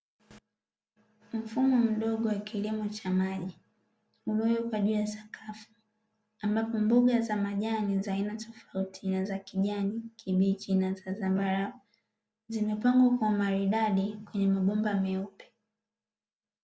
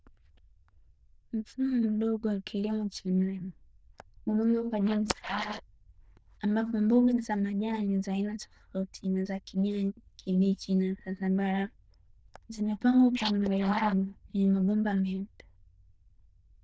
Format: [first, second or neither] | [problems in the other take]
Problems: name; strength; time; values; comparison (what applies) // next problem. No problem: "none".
first | noise reduction (neural diffusion model UNIVERSE++)